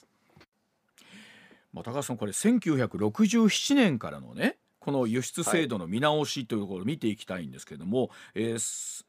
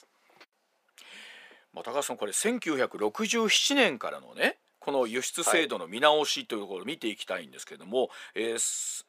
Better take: first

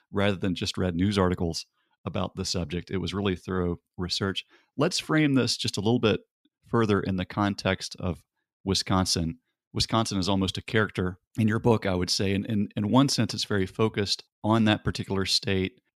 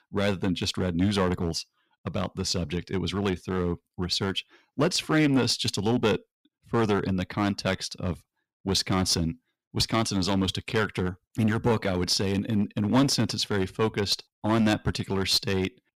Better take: first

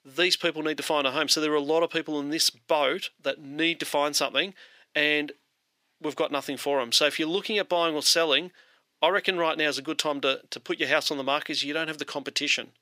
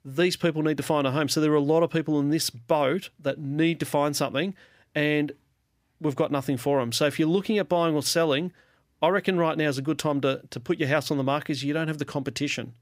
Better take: second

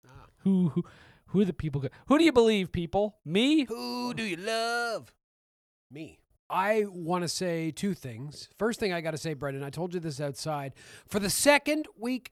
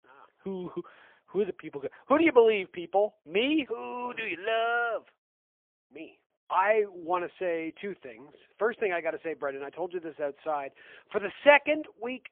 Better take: first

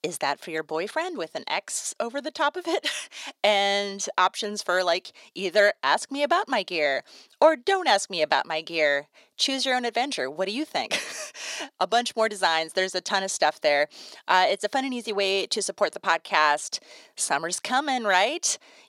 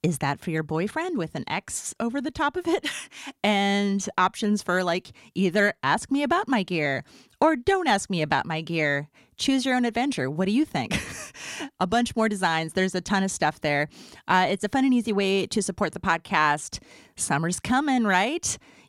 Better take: second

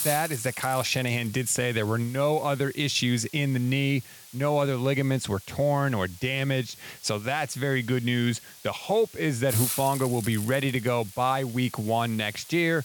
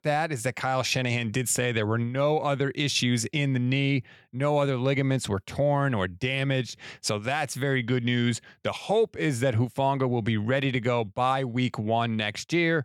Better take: second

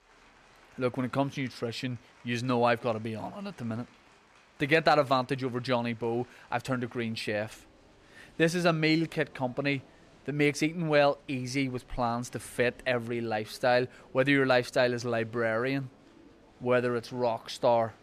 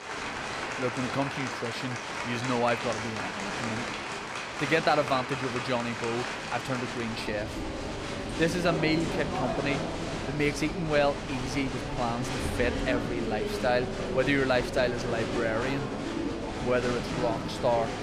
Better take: first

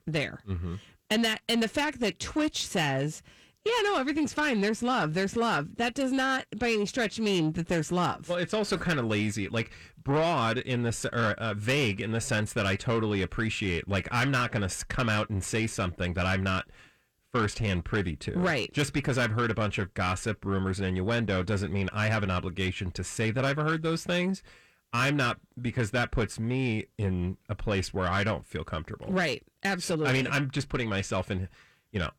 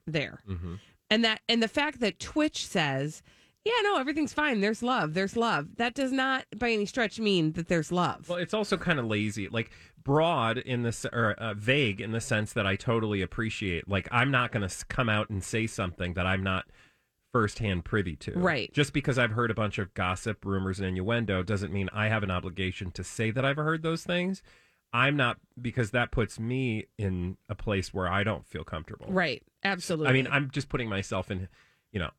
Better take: second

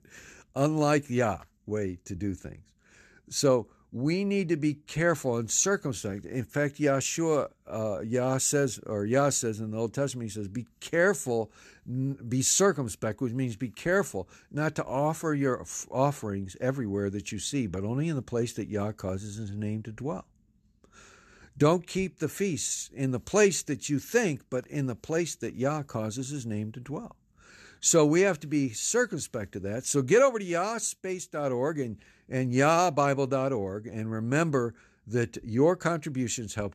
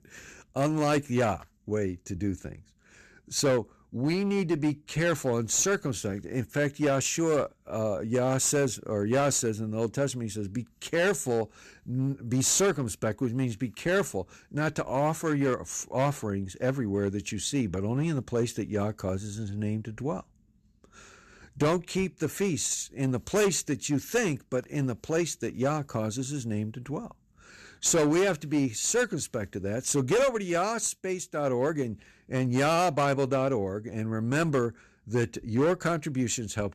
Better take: first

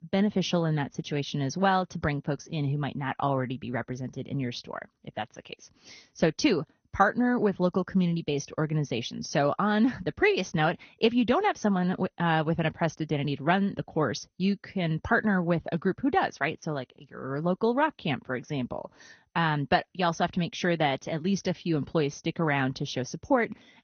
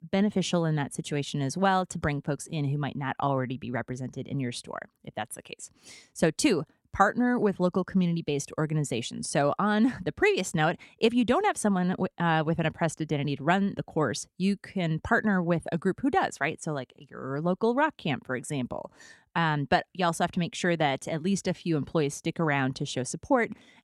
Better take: second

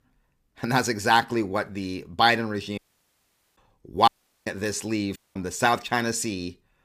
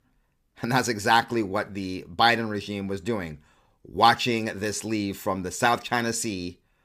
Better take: second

